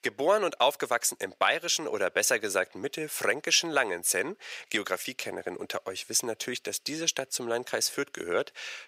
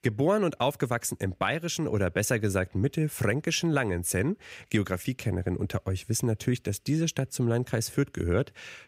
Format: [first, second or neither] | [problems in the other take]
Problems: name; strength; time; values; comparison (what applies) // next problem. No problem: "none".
second | thin; very; fading below 600 Hz